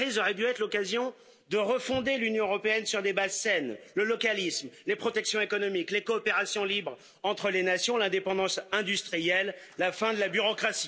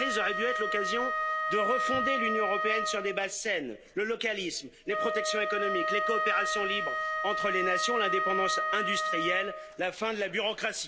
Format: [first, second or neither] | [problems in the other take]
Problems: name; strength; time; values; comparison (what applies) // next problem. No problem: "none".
first | background sound (Wind instrument, woodwind instrument); as loud as the speech